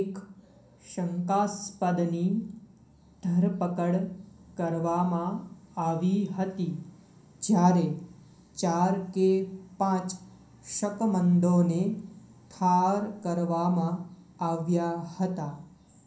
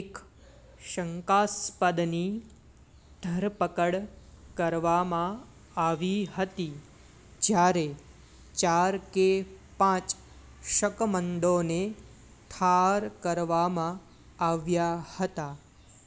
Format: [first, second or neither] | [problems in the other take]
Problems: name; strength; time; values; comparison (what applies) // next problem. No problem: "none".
second | room echo; dies away in 0.6 s